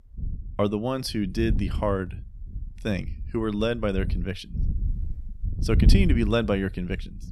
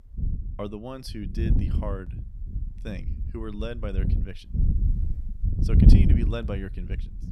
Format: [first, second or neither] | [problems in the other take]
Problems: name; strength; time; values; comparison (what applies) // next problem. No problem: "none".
first | wind noise on the microphone; heavy; 1 dB above the speech; occasional gusts in the first